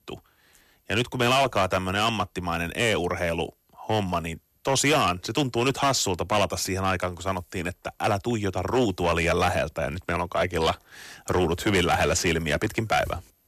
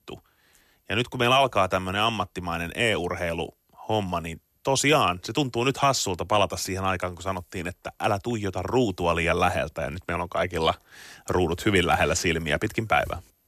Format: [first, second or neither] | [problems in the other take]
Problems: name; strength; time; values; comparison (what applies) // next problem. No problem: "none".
second | distortion; slight; 6% of the sound clipped